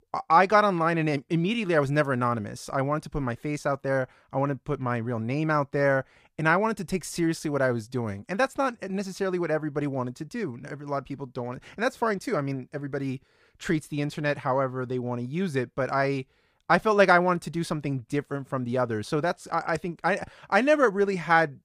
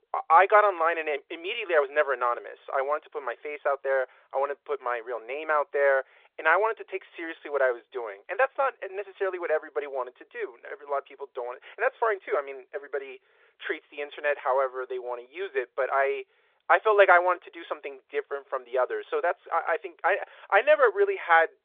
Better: first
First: none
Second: phone-call audio

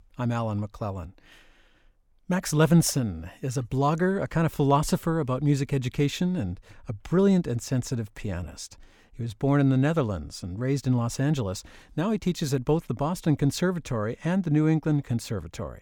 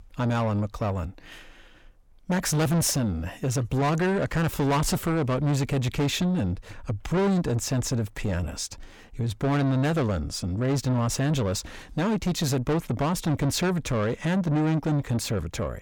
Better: first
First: none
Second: distortion; heavy; 7 dB below the speech

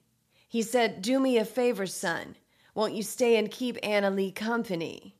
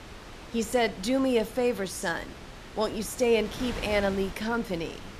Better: first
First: none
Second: wind noise on the microphone; occasional gusts; 15 dB below the speech

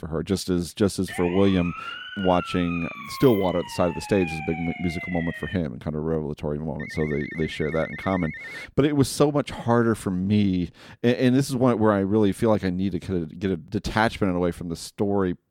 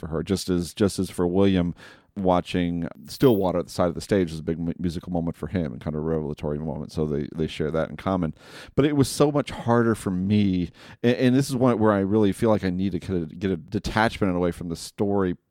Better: second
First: siren; noticeable; from 1 to 5.5 s; peak 8 dB below the speech // phone ringing; faint; from 7 to 8.5 s; peak 10 dB below the speech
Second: none

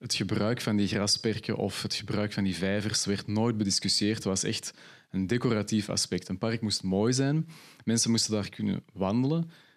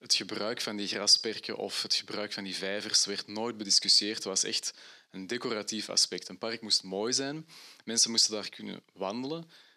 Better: first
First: none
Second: thin; somewhat; fading below 350 Hz

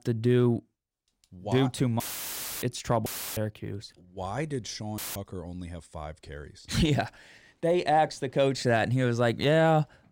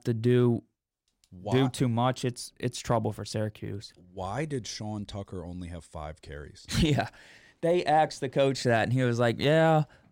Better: second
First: audio cutting out; filled with static; at 2 s for 0.5 s, at 3 s and at 5 s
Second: none

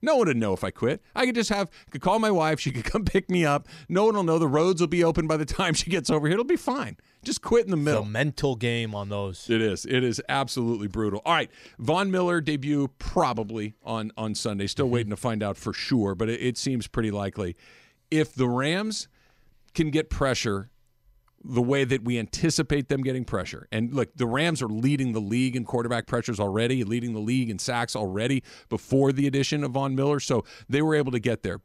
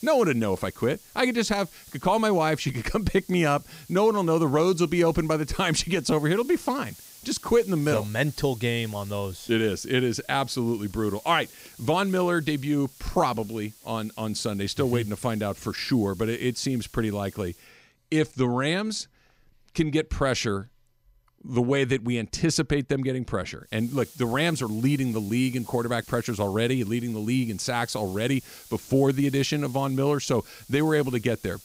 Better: first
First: none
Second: hiss; faint; until 18 s and from 24 s on; 20 dB below the speech

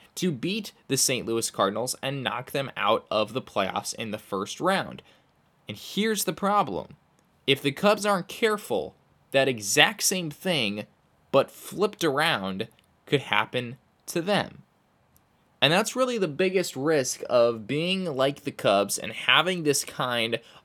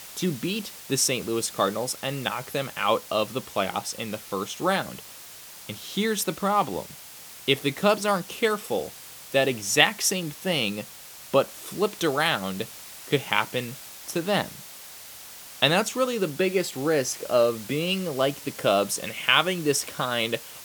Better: first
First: none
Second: hiss; noticeable; throughout; 15 dB below the speech

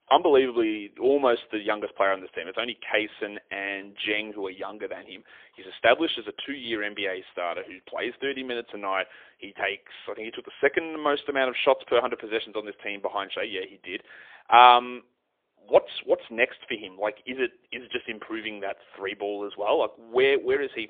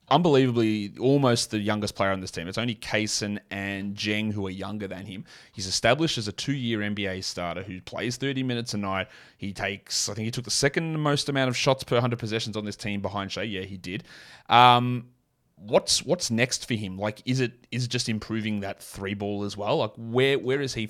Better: second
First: phone-call audio; poor line; nothing above 3.5 kHz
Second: none

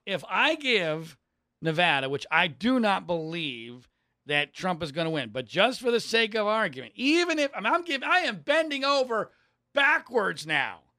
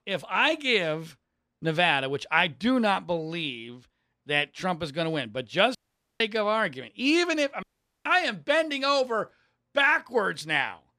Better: first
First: none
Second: audio cutting out; at 6 s and at 7.5 s

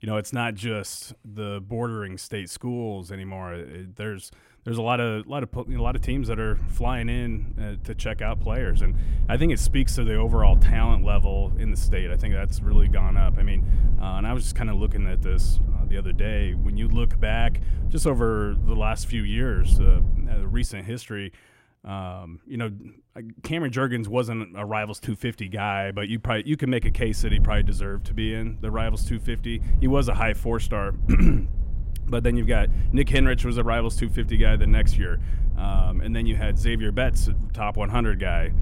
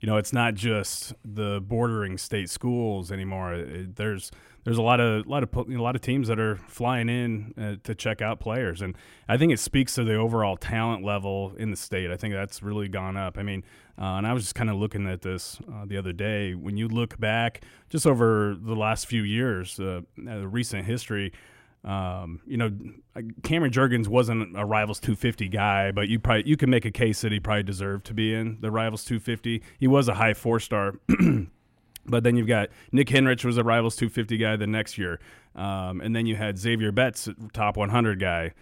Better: second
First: low rumble; noticeable; from 5.5 to 21 s and from 27 s on; 15 dB below the speech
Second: none

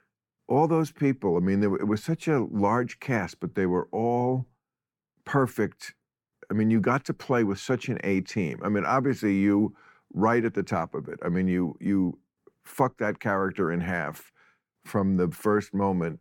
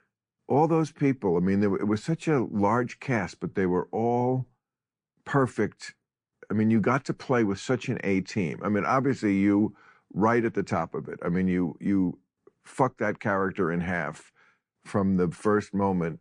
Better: first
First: none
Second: garbled, watery; slightly

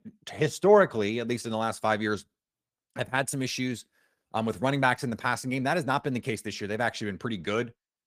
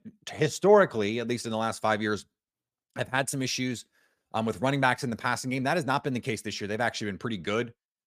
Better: second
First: garbled, watery; slightly; nothing above 15 kHz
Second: none

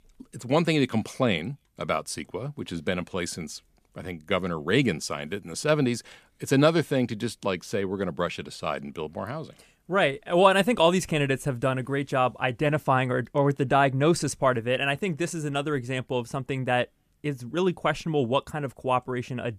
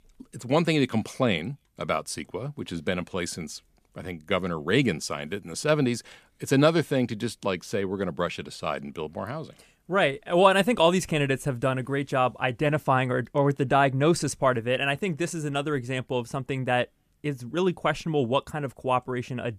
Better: neither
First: none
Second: none

